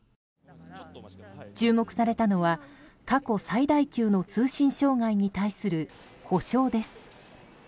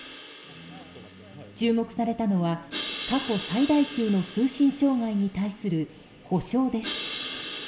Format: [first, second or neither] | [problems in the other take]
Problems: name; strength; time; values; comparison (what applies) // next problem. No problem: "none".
first | background sound (Crash cymbal); 12 dB below the speech // room echo; dies away in 1.5 s